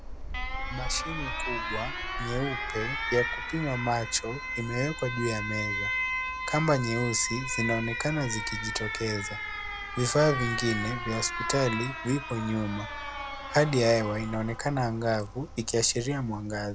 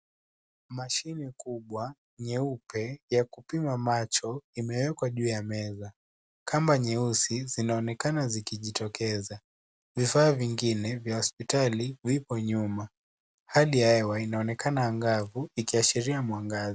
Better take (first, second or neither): second